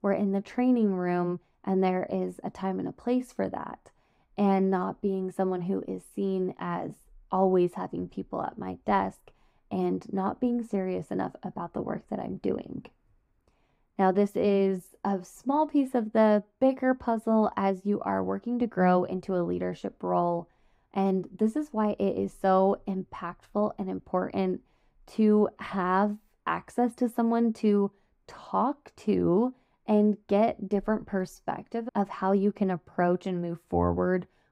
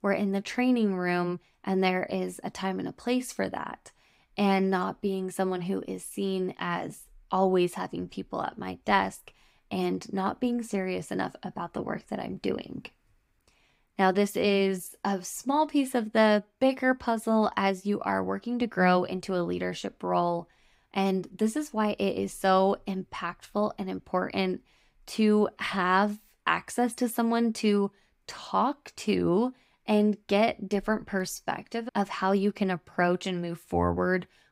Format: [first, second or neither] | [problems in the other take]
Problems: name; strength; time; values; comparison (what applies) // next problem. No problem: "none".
second | muffled; slightly; fading above 1.5 kHz